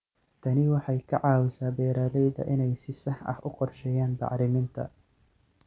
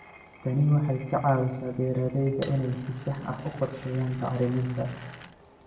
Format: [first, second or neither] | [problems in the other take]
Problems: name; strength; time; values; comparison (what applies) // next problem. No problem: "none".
first | background sound (Glass); 20 dB below the speech // room echo; dies away in 0.8 s